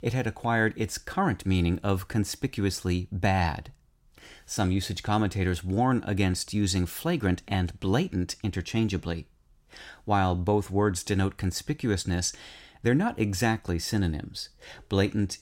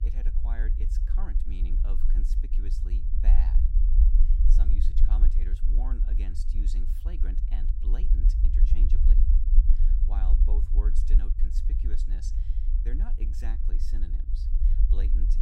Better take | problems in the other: first | low rumble; loud; throughout; as loud as the speech

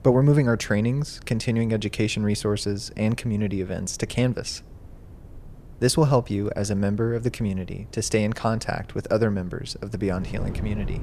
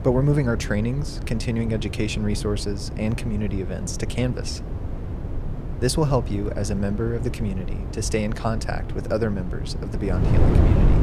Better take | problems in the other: first | wind noise on the microphone; heavy; 7 dB below the speech; occasional gusts in the first

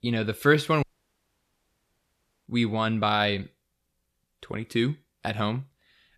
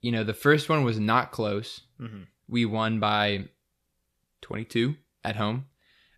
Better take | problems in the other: second | audio cutting out; at 1 s for 1.5 s

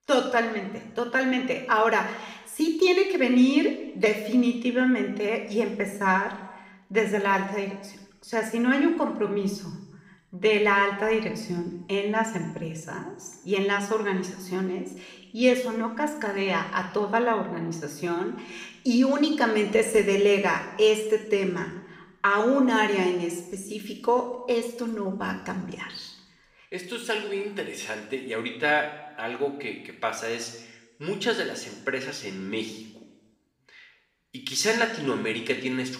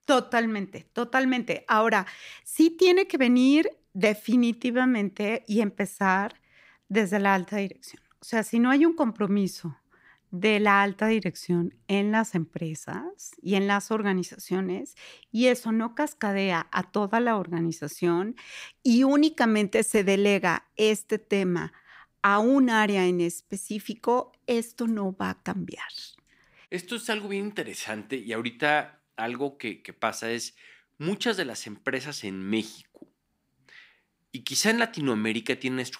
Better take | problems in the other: second | room echo; slight; dies away in 0.9 s // off-mic speech; somewhat distant

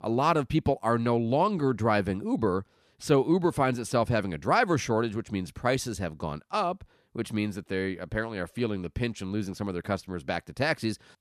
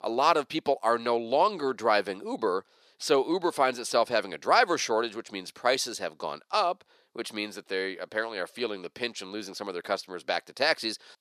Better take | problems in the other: first | thin; somewhat; fading below 500 Hz

